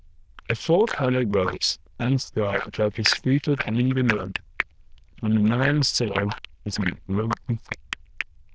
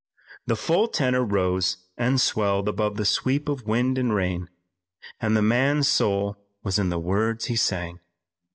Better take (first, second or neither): second